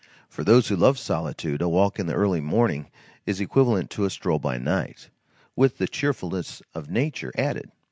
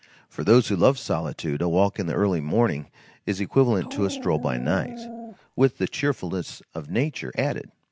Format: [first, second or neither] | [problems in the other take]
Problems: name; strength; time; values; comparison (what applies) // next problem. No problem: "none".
first | background sound (Dog); 11 dB below the speech